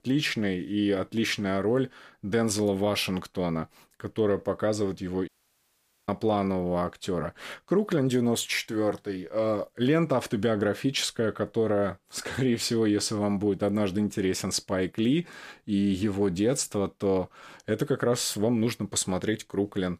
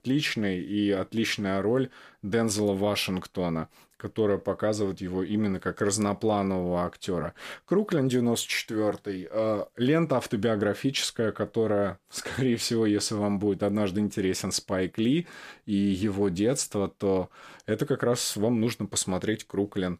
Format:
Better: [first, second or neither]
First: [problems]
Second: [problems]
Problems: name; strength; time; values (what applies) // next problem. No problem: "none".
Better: second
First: audio cutting out; at 5.5 s for 1 s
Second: none